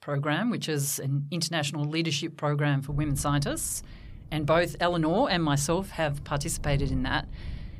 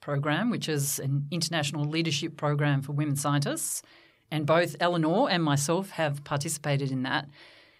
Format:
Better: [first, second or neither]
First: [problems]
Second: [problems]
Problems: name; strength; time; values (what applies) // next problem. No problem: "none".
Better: second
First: wind noise on the microphone; occasional gusts; from 3 s on; 25 dB below the speech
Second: none